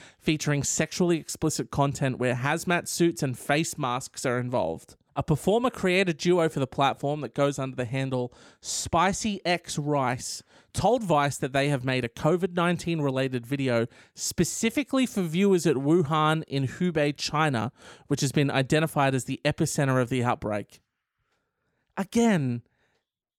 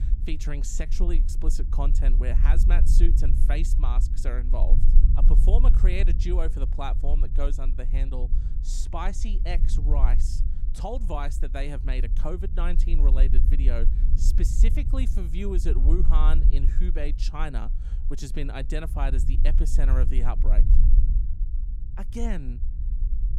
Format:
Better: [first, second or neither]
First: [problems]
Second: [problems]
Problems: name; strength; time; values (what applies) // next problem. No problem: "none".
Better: first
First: none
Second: low rumble; loud; throughout; 9 dB below the speech